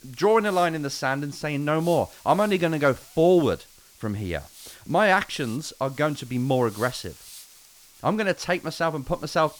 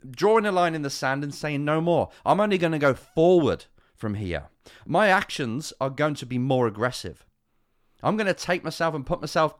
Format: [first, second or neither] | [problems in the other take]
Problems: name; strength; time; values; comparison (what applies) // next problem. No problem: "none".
second | hiss; faint; throughout; 20 dB below the speech